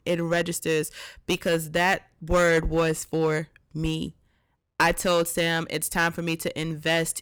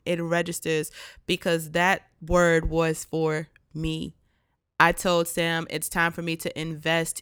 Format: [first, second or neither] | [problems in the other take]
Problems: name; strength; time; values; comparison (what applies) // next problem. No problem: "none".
second | distortion; slight; 5% of the sound clipped